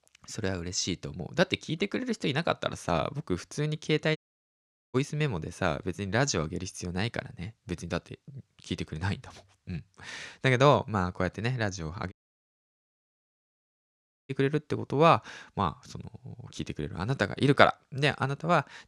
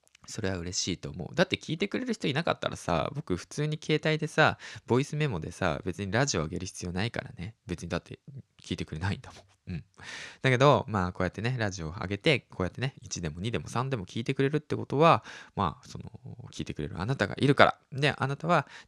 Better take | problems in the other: second | audio cutting out; at 4 s for 1 s and at 12 s for 2 s

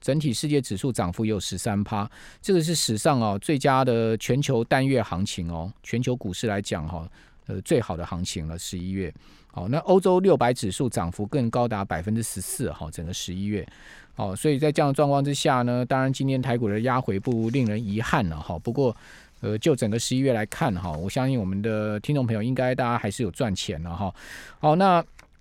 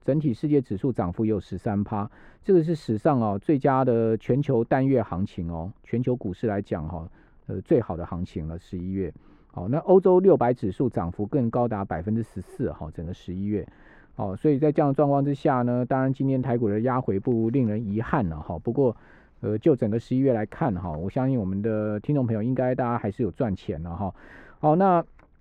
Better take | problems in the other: first | muffled; very; fading above 3 kHz

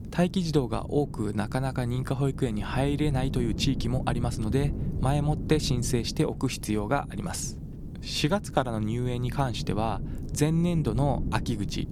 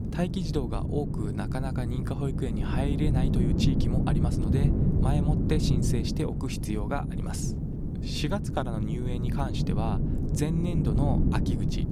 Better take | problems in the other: first | wind noise on the microphone; heavy; 2 dB below the speech; occasional gusts in the first

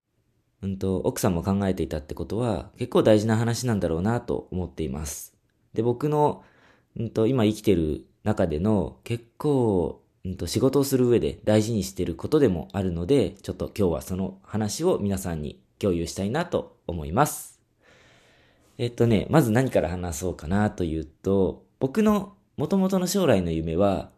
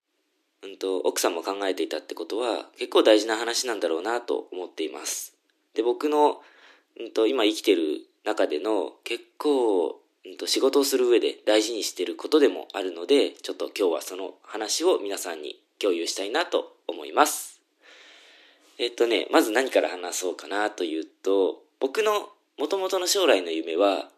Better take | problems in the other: first | thin; somewhat; fading below 300 Hz

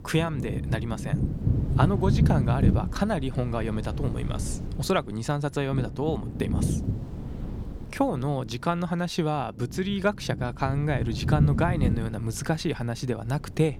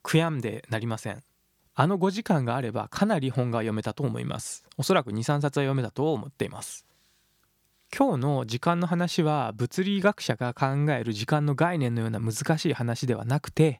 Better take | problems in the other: second | wind noise on the microphone; heavy; 8 dB below the speech

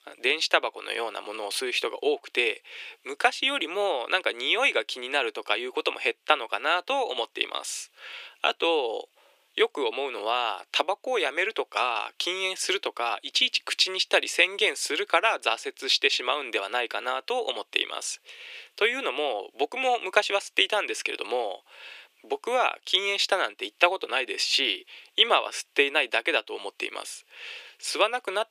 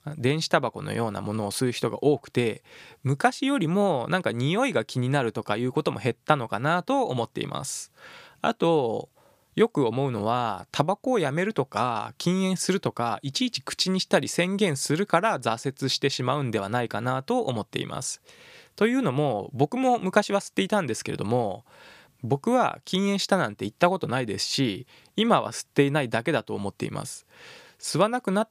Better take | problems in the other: second | thin; very; fading below 350 Hz

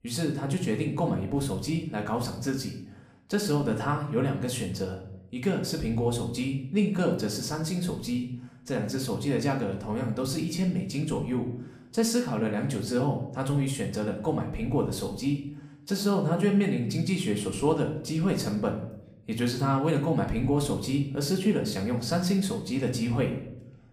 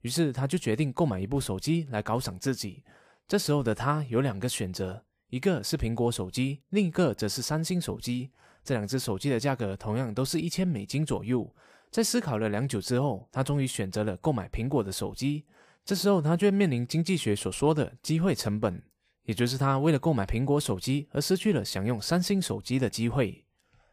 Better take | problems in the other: second | room echo; slight; dies away in 0.6 s // off-mic speech; somewhat distant

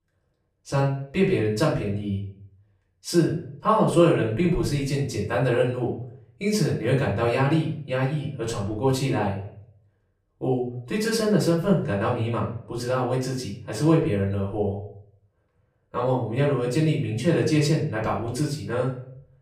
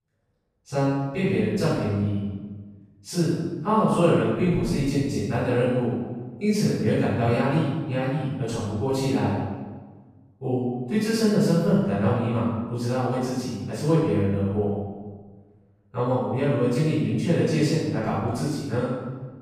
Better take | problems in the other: first | room echo; strong; dies away in 1.2 s; slight in the first // off-mic speech; far; far in the first

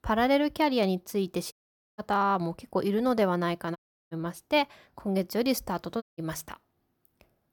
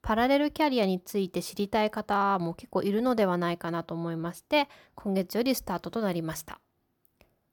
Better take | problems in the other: second | audio cutting out; at 1.5 s, at 4 s and at 6 s

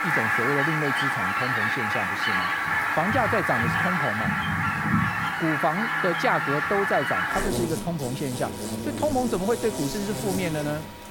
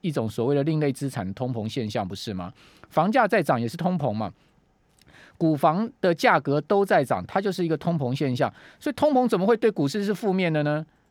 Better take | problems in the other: second | animal sounds; very loud; throughout; 3 dB above the speech

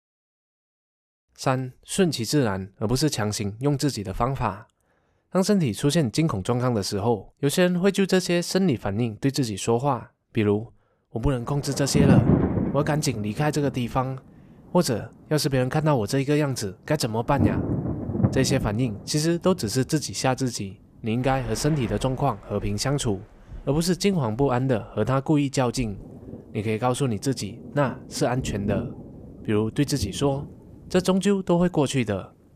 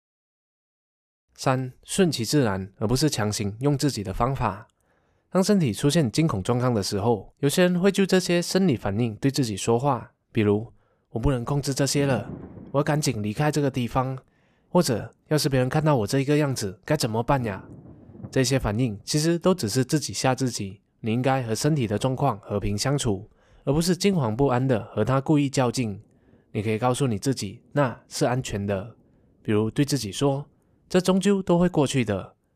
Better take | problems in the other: second | rain or running water; loud; from 12 s on; 3 dB below the speech; faint in the second

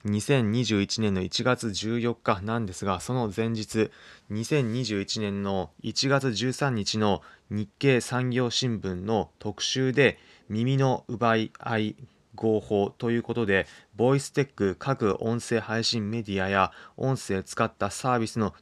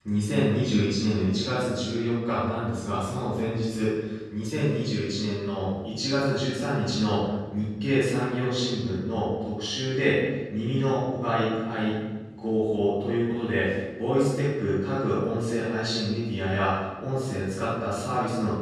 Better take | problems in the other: first | off-mic speech; far // room echo; strong; dies away in 1.1 s

